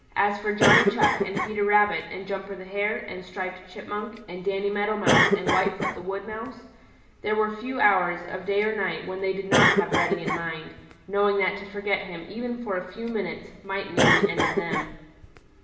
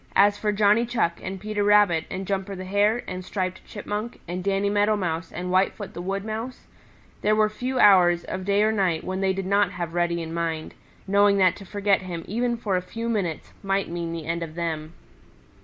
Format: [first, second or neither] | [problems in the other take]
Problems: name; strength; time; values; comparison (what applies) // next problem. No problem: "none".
second | background sound (Cough); as loud as the speech // room echo; dies away in 1.2 s